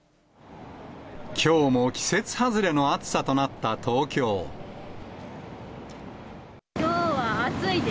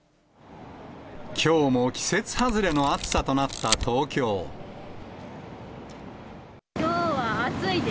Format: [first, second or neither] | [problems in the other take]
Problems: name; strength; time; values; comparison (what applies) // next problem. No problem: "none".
first | background sound (Camera); 4 dB below the speech